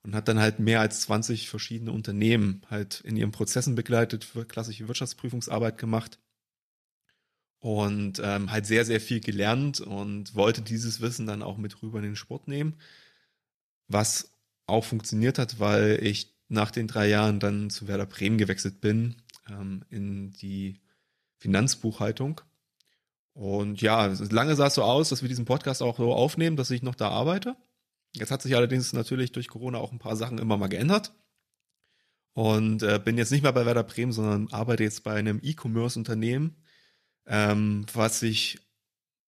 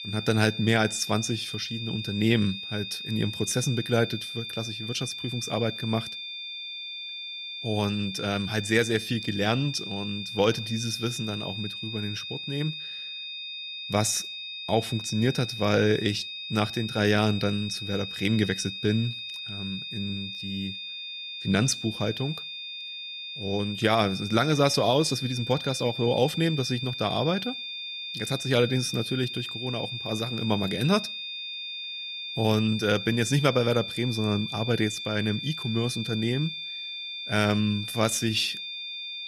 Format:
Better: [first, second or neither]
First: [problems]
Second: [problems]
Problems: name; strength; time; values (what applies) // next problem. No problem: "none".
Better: first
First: none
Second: high-pitched whine; loud; throughout; 3.5 kHz, 6 dB below the speech